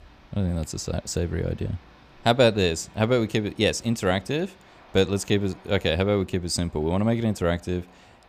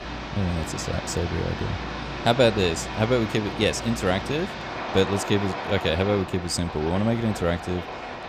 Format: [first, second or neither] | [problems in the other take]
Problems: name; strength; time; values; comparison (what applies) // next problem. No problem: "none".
first | rain or running water; loud; throughout; 7 dB below the speech; faint in the first